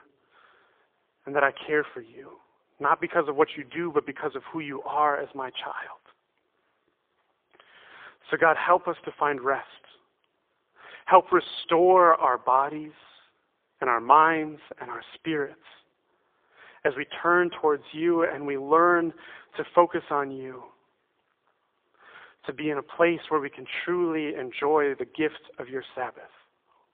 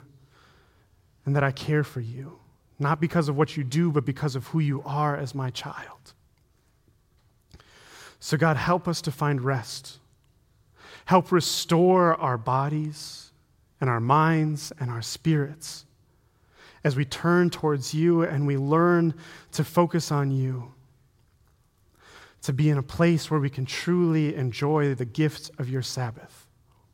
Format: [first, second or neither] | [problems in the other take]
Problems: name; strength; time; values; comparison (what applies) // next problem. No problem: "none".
second | phone-call audio; poor line; nothing above 3.5 kHz